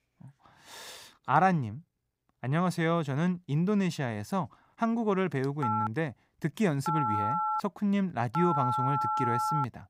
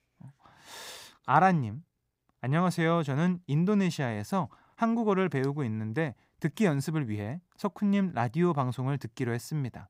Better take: second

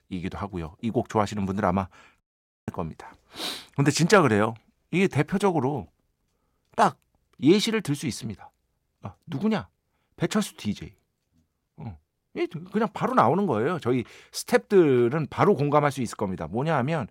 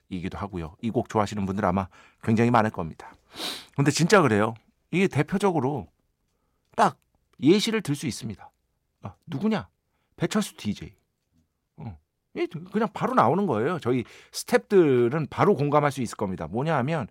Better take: second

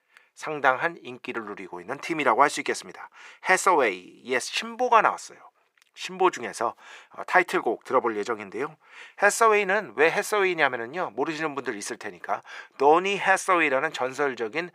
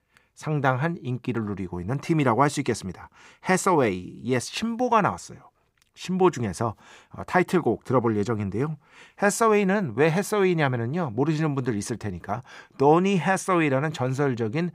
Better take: second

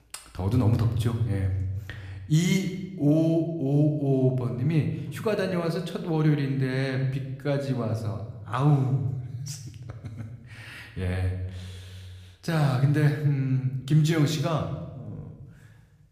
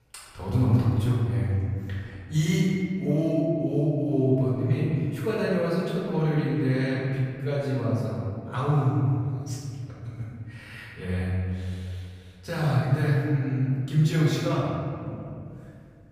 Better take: first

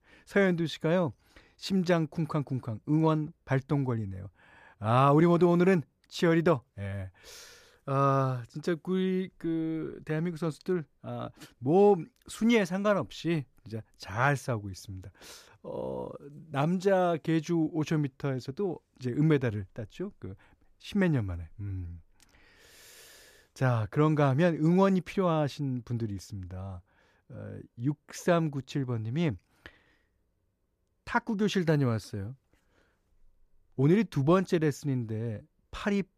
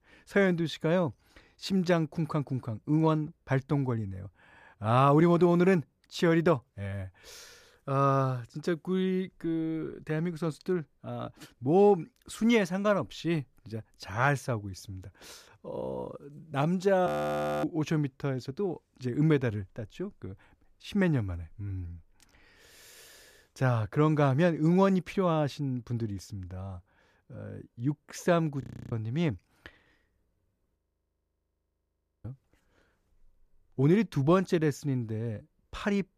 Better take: first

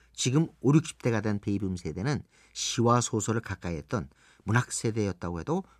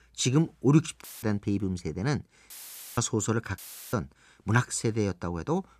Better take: first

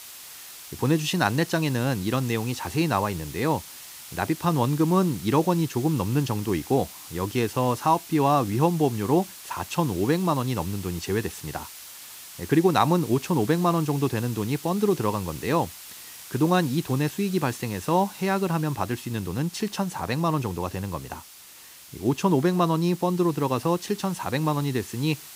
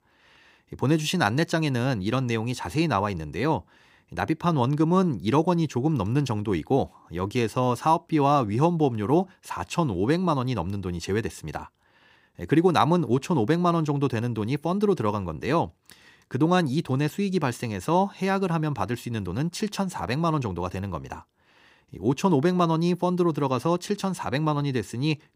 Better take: second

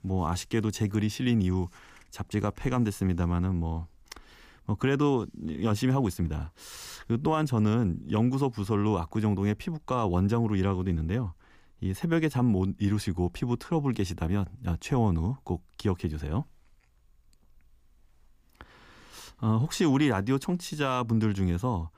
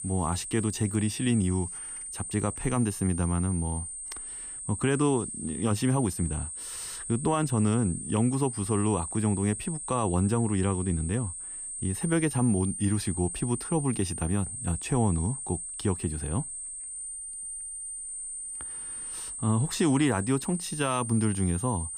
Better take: first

